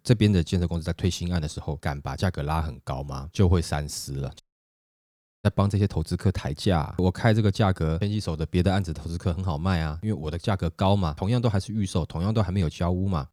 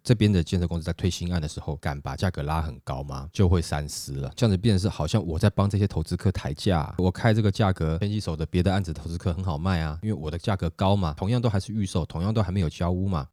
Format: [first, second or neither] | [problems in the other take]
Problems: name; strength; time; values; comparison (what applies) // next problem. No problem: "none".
second | audio cutting out; at 4.5 s for 1 s